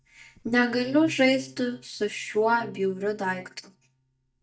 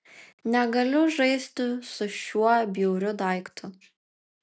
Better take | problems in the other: second | noise reduction (neural mask model DeepFilterNet 3)

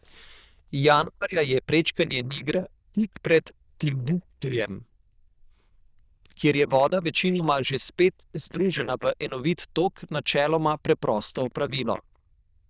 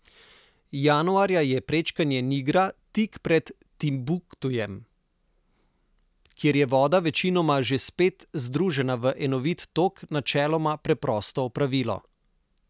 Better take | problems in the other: second | noise reduction (neural diffusion model UNIVERSE++)

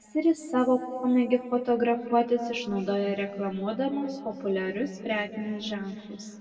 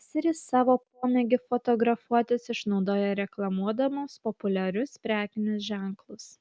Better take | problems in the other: second | room echo; dies away in 2.1 s

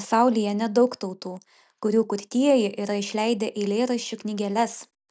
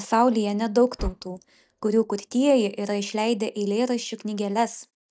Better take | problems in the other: first | noise reduction (neural mask model DeepFilterNet 3)

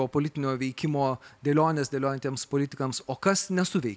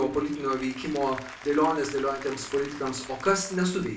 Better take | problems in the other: first | background sound (Applause / Crowd); 16 dB below the speech // room echo; dies away in 0.4 s

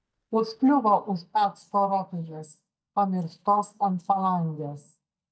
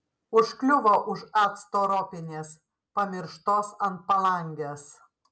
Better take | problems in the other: second | noise reduction (neural mask model DeepFilterNet 3)

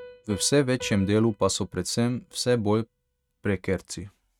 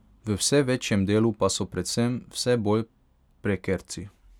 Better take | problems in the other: second | noise reduction (neural mask model RNNoise)

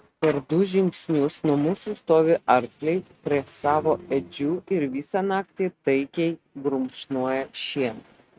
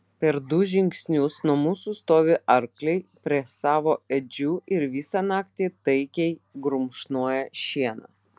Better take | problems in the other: second | noise reduction (neural mask model RNNoise)

